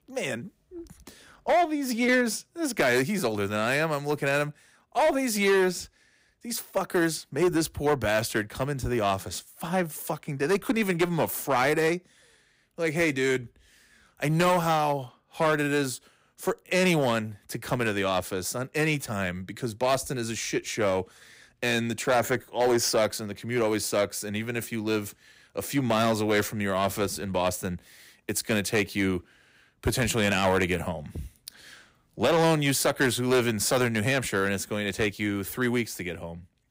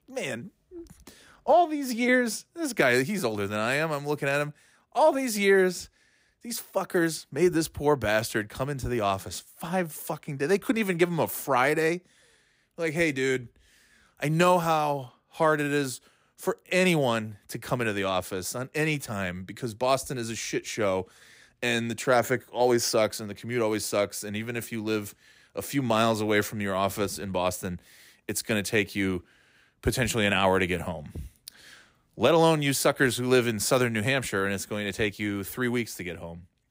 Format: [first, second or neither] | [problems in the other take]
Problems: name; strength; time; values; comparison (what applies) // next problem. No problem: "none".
second | distortion; slight; 5% of the sound clipped